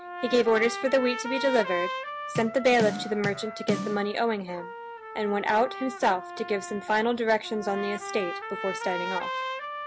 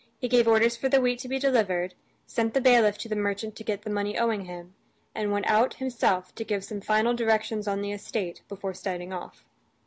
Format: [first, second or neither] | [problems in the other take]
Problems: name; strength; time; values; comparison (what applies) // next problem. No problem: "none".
second | background sound (Trumpet + Bass drum / Snare drum); 8 dB below the speech